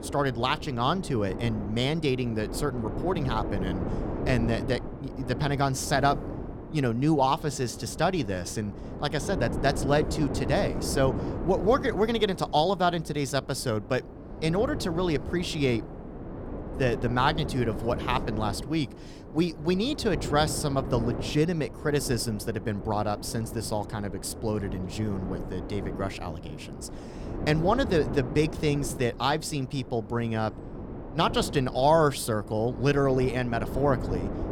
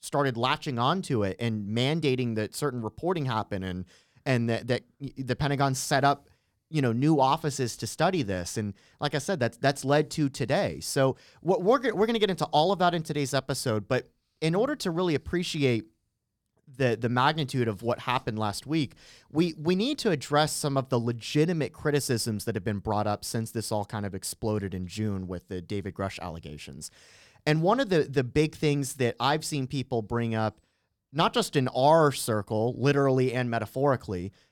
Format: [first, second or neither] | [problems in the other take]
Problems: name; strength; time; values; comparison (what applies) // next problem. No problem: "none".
second | wind noise on the microphone; occasional gusts; 10 dB below the speech